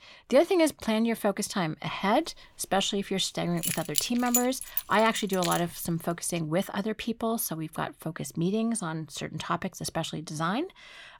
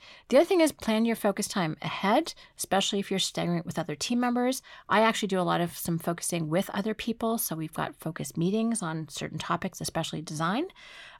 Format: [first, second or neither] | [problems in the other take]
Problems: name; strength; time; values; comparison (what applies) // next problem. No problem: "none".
second | jangling keys; loud; from 3.5 to 5.5 s; peak 1 dB above the speech